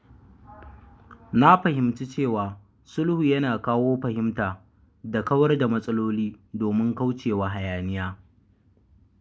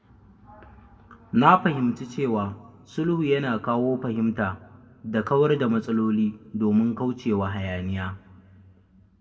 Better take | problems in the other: first | room echo; dies away in 1 s

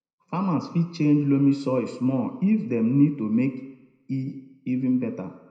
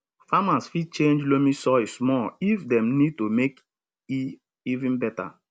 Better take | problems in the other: second | room echo; dies away in 0.7 s

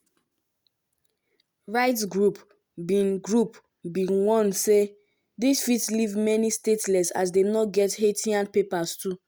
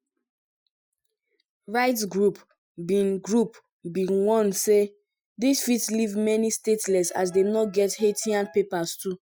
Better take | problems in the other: first | noise reduction (classical method Wiener filter)

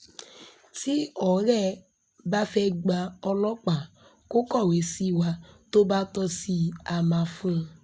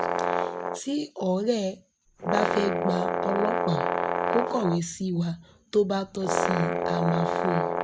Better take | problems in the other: first | background sound (Brass instrument); as loud as the speech

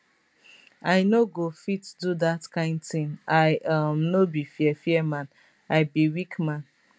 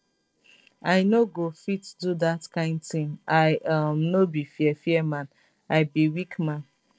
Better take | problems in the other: first | noise reduction (neural separator model SepFormer DNS4)

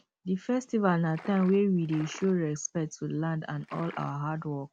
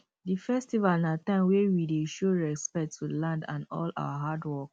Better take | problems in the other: second | background sound (Liquid); 18 dB below the speech

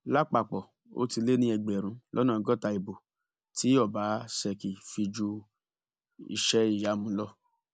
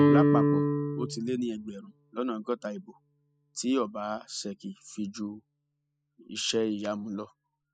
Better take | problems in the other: first | noise reduction (classical method spectral subtraction)

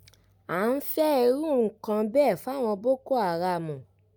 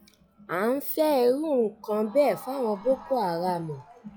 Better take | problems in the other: first | noise reduction (classical method log-MMSE)

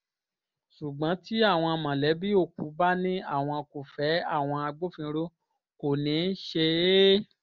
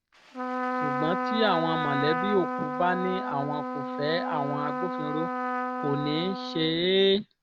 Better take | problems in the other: first | background sound (Trumpet); 2 dB below the speech

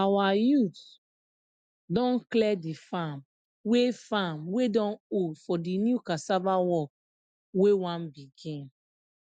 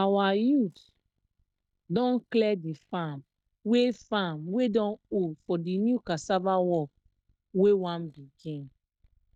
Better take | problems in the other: first | noise reduction (neural mask model DeepFilterNet 3)

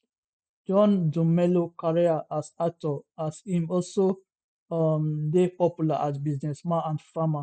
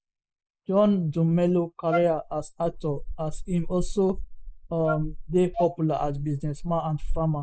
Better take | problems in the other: first | noise reduction (neural mask model Resemble Enhance denoiser)

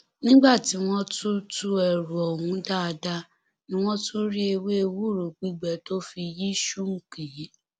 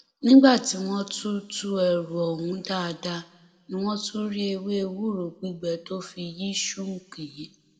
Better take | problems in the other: first | room echo; dies away in 0.9 s

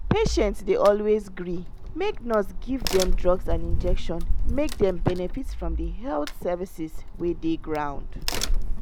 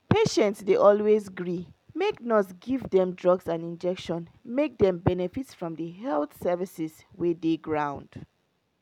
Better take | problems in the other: second | background sound (Crack); 1 dB above the speech

